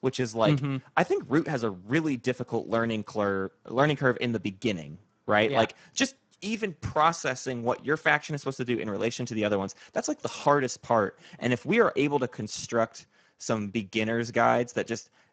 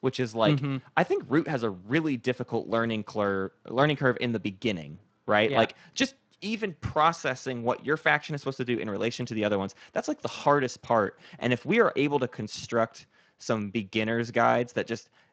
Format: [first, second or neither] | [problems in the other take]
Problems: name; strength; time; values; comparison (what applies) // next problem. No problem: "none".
second | garbled, watery; badly; nothing above 7.5 kHz; slightly in the second